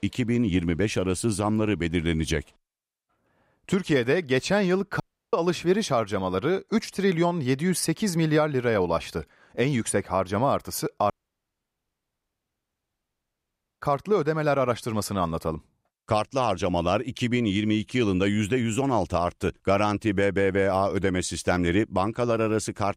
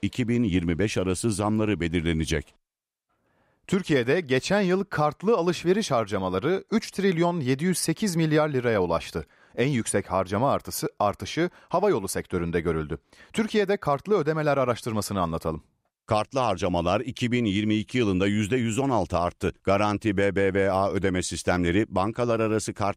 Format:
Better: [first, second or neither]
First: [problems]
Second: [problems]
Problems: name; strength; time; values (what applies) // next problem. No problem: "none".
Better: second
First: audio cutting out; at 5 s and at 11 s for 2.5 s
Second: none